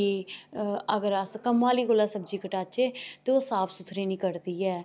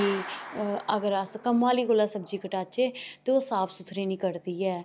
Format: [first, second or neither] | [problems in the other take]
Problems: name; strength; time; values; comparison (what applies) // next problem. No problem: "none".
first | background sound (Clapping); 17 dB below the speech